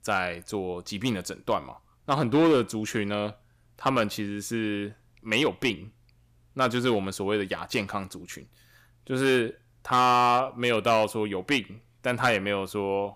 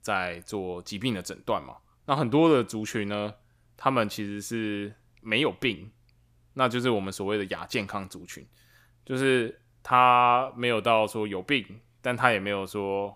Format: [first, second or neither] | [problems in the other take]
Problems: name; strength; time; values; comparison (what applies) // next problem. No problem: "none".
second | distortion; slight; 2% of the sound clipped